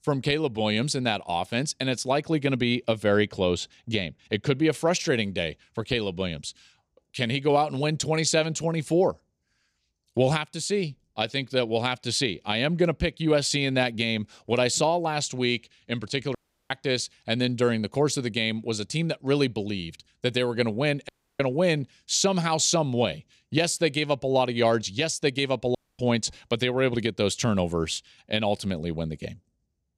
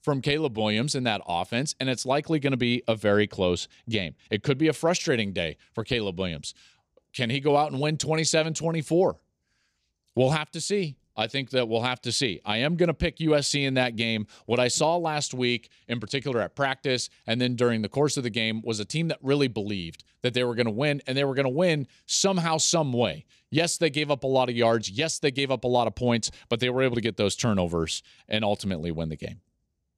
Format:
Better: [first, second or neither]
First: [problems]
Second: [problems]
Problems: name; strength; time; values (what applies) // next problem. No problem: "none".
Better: second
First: audio cutting out; at 16 s, at 21 s and at 26 s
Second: none